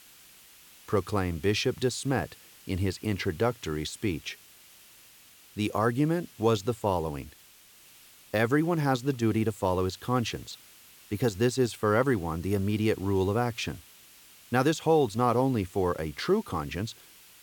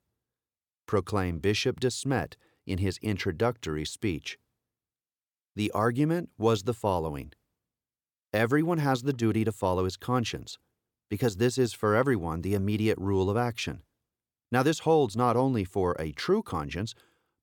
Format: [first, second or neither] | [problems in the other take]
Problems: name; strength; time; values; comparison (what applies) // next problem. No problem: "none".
second | hiss; faint; throughout; 25 dB below the speech